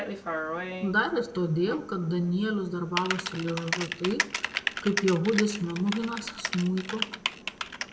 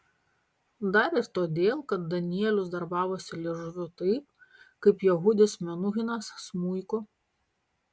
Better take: second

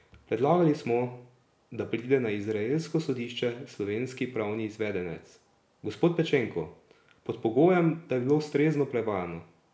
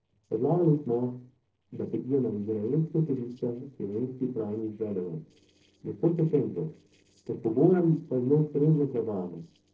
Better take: first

